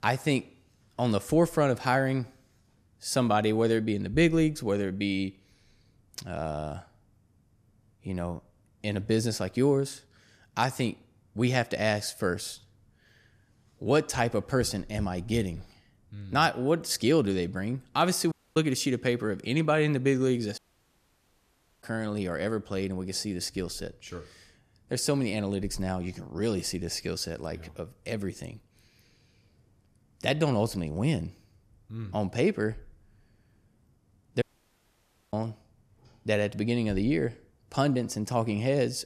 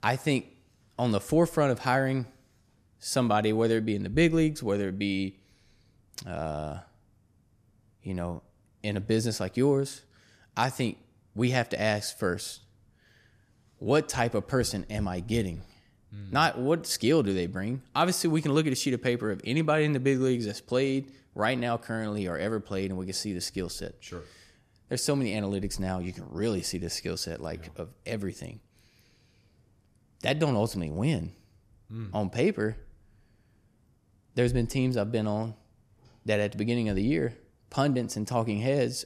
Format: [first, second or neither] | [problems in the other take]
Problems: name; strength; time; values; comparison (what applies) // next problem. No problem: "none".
second | audio cutting out; at 18 s, at 21 s for 1.5 s and at 34 s for 1 s